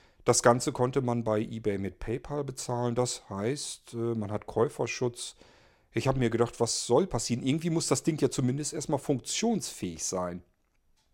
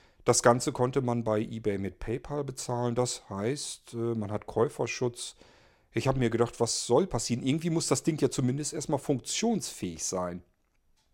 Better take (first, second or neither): neither